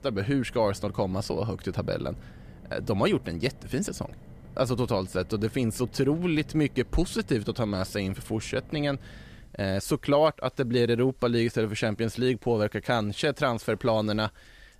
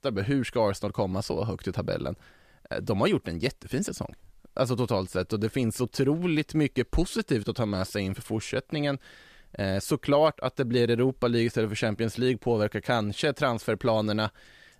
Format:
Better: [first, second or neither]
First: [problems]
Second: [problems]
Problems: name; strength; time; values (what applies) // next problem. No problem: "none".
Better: second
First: traffic noise; faint; throughout; 20 dB below the speech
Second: none